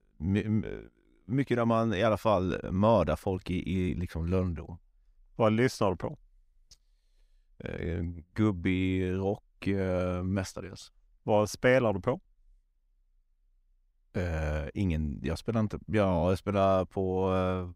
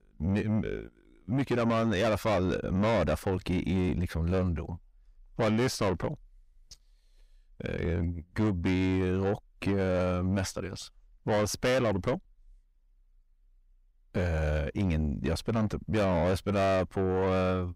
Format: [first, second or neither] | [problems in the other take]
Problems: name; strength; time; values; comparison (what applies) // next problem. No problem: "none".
first | distortion; heavy; 8 dB below the speech